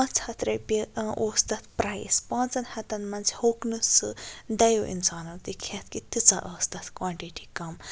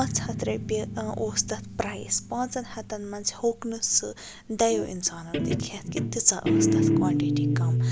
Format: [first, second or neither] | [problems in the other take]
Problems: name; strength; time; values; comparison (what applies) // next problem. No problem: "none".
first | background sound (Guitar); 1 dB above the speech